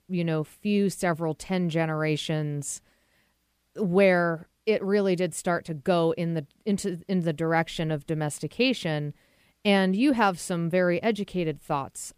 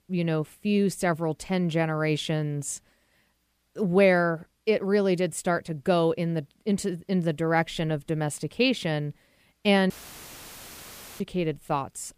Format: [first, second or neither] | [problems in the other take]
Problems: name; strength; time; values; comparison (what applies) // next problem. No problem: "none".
first | audio cutting out; filled with static; at 10 s for 1.5 s